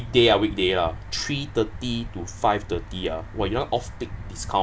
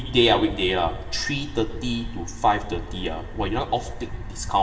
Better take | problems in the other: first | room echo; dies away in 1.1 s

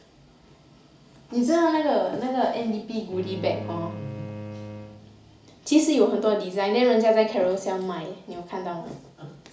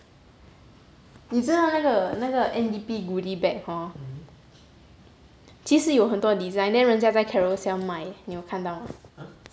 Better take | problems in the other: second | background sound (Bowed string instrument); 13 dB below the speech // room echo; dies away in 0.4 s

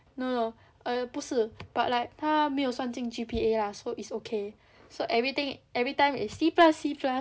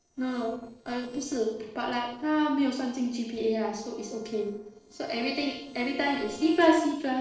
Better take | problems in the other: first | noise reduction (neural separator model SepFormer DNS4)

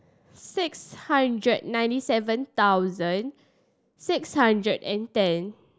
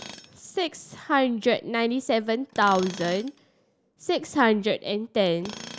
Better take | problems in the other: first | background sound (Tools); 19 dB below the speech

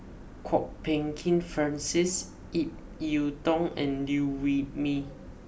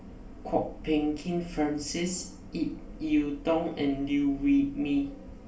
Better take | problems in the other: first | room echo; dies away in 0.3 s

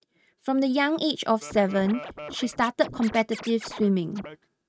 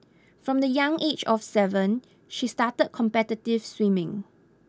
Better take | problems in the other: second | noise reduction (neural mask model RNNoise)

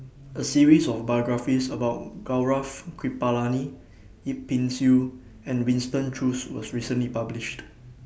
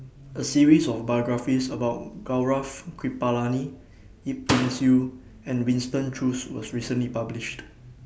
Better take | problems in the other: first | background sound (Slam); 5 dB below the speech

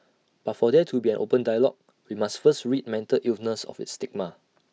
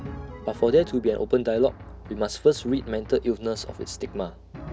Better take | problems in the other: first | background sound (Drum); 15 dB below the speech

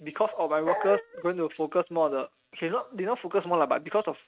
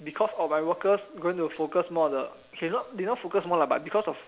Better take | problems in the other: second | noise reduction (neural mask model RNNoise)

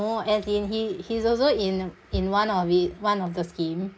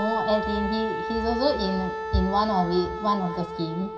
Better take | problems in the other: first | background sound (Wind instrument, woodwind instrument); 5 dB below the speech // room echo; dies away in 2 s

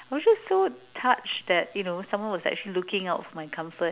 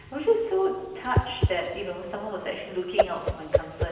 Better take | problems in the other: first | background sound (Whoosh, swoosh, swish); 1 dB below the speech // room echo; dies away in 1 s

